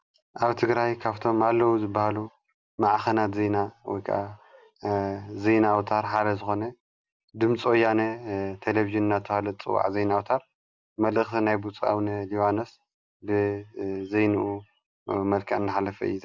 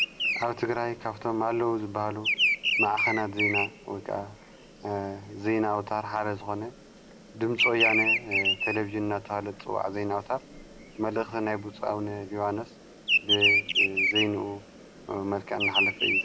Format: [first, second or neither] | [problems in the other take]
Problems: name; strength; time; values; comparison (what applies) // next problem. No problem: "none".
first | background sound (Bird vocalization, bird call, bird song); 1 dB above the speech